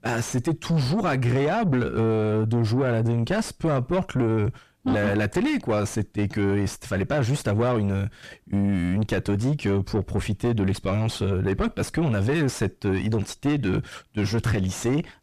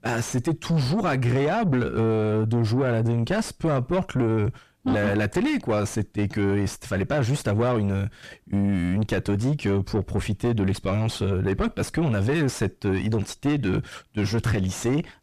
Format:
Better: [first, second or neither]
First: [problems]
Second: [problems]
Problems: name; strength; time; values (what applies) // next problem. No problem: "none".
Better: neither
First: distortion; heavy; 5 dB below the speech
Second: distortion; heavy; 5 dB below the speech